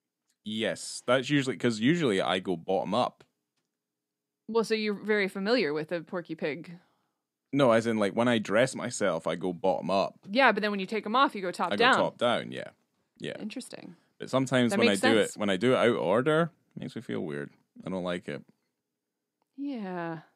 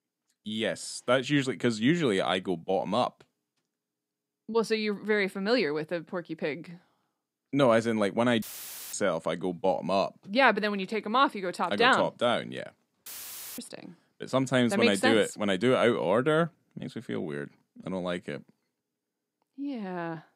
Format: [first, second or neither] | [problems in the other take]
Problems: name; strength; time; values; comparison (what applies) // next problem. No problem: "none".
first | audio cutting out; filled with static; at 8.5 s for 0.5 s and at 13 s for 0.5 s